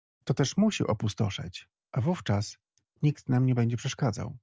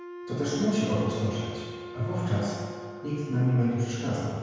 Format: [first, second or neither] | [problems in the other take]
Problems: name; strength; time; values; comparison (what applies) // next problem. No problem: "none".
first | background sound (Wind instrument, woodwind instrument); 13 dB below the speech // room echo; dies away in 1.9 s